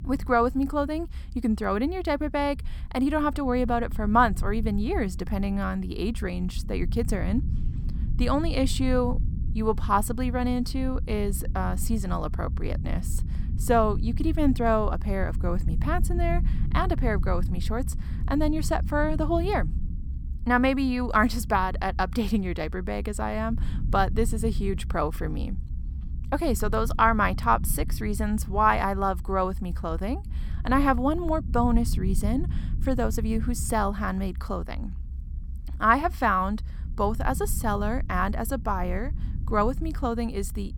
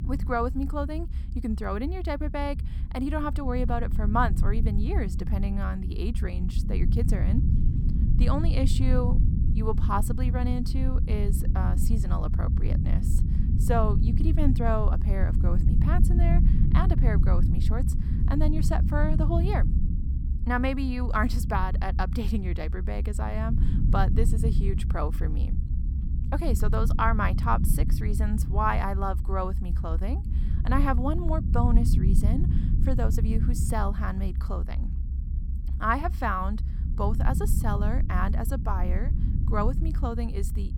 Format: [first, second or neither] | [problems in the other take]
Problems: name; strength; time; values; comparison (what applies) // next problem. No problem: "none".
first | low rumble; loud; throughout; 10 dB below the speech; faint in the first